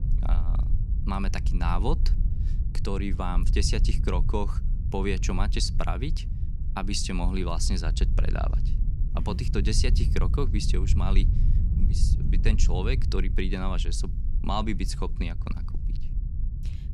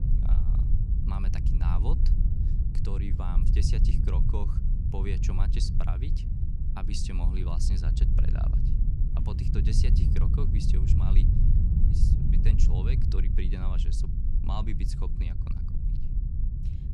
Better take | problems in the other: first | wind noise on the microphone; heavy; 1 dB below the speech; occasional gusts in the first

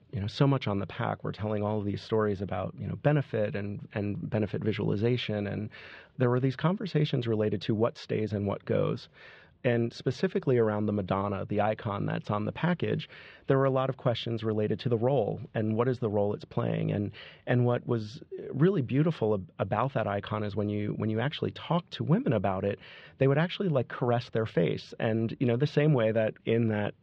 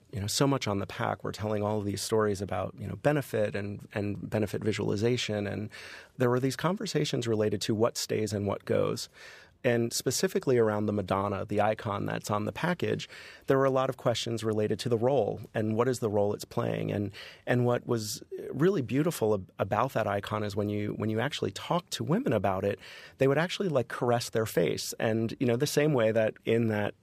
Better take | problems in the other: second | muffled; slightly; fading above 3.5 kHz

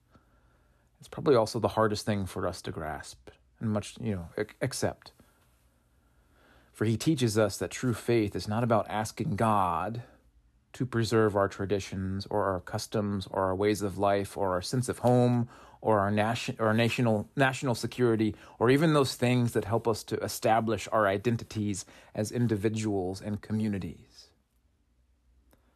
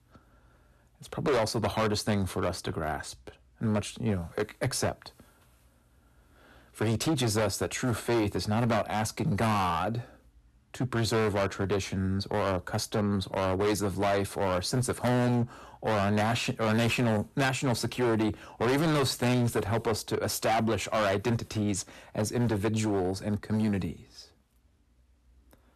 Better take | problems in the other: first | distortion; heavy; 14% of the sound clipped

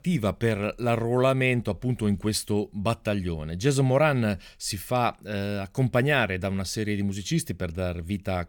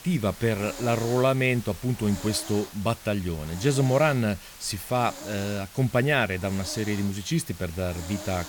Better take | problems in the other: first | hiss; noticeable; throughout; 15 dB below the speech

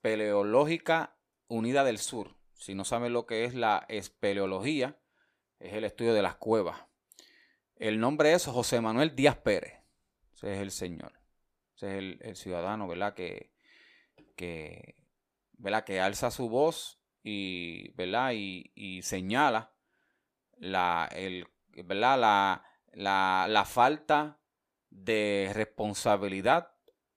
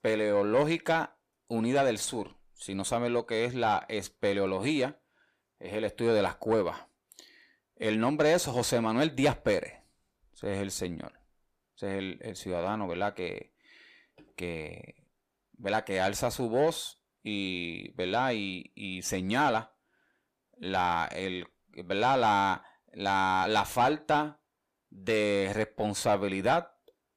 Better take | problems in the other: first | distortion; slight; 10 dB below the speech

